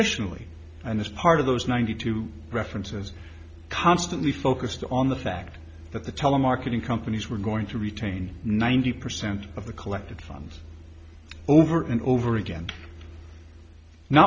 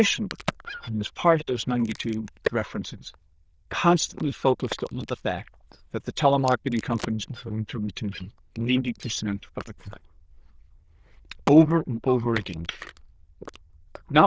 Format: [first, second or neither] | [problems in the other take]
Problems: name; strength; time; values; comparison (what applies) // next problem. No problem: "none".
first | noise reduction (neural diffusion model UNIVERSE++)